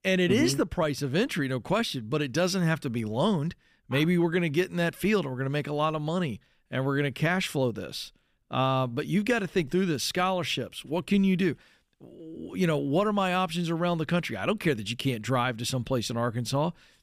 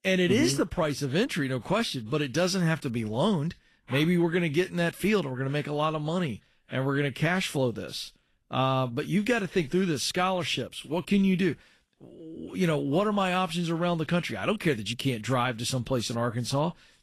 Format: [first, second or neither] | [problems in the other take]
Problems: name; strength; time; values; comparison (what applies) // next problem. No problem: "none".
first | garbled, watery; slightly; nothing above 12.5 kHz